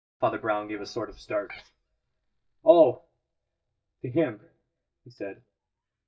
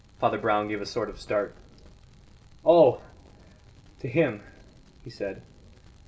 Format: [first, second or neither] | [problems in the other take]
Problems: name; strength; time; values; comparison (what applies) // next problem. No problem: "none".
second | noise reduction (neural mask model DeepFilterNet 3)